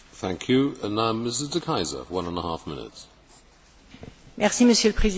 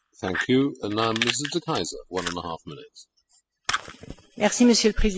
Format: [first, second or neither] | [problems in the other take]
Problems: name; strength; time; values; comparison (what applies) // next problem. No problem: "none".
first | noise reduction (classical method spectral subtraction)